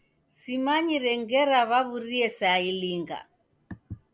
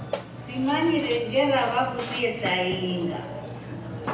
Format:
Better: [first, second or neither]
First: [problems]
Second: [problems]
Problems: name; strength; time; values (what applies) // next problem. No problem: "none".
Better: first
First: none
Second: background sound (Burping, eructation); 9 dB below the speech // room echo; dies away in 0.9 s